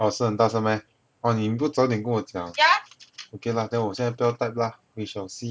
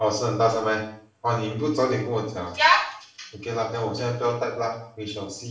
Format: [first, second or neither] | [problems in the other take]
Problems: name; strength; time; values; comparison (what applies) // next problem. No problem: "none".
first | room echo; dies away in 0.5 s